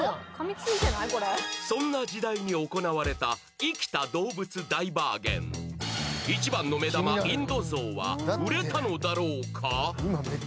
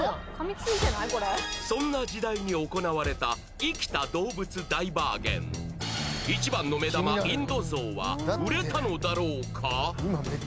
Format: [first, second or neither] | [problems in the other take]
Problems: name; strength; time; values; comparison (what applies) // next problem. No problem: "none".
first | background sound (Train); 13 dB below the speech